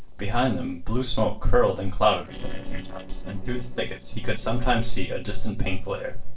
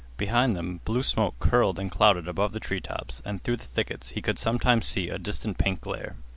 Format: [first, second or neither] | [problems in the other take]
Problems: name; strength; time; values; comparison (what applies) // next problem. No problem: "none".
second | noise reduction (neural separator model SepFormer DNS4)